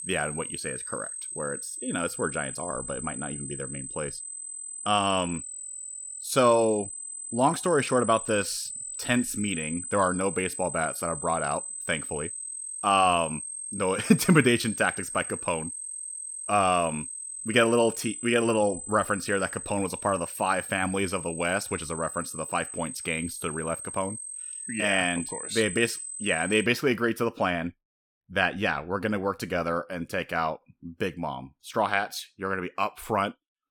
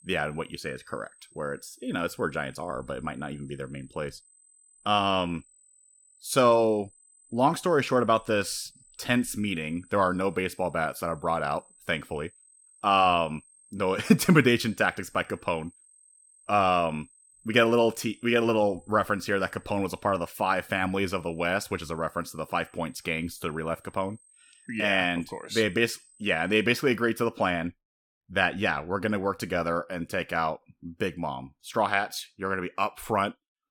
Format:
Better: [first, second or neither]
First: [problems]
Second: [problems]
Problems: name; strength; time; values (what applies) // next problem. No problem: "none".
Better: second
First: high-pitched whine; loud; until 27 s; 8 kHz, 7 dB below the speech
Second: high-pitched whine; faint; until 27 s; 8 kHz, 30 dB below the speech